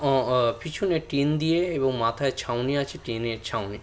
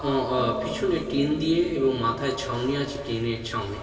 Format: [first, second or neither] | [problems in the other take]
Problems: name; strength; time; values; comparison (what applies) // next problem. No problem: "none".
first | background sound (Electric guitar / Strum); 13 dB below the speech // room echo; dies away in 2.7 s